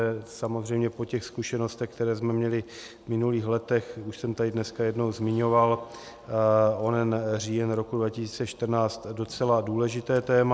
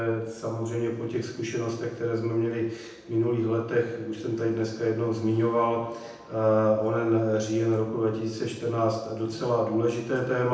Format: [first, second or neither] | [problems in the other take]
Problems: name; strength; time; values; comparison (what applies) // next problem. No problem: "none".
first | room echo; dies away in 0.9 s